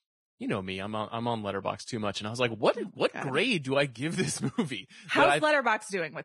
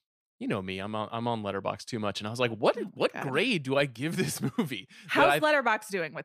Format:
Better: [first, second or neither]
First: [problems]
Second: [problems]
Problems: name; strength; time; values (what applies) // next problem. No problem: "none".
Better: second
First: garbled, watery; badly; nothing above 10.5 kHz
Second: none